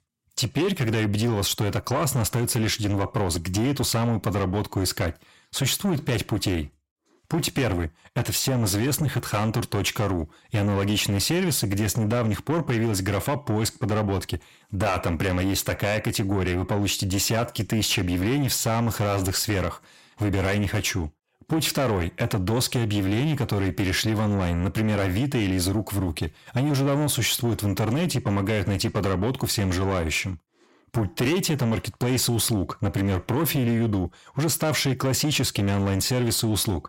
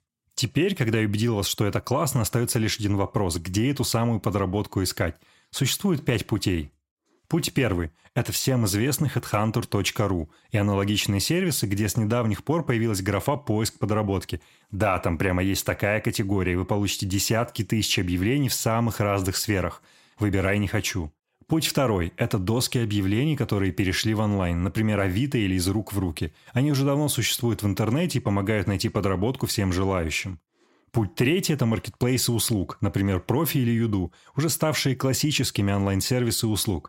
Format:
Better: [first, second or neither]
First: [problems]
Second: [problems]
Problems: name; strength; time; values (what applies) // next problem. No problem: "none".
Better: second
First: distortion; slight; 10 dB below the speech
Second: none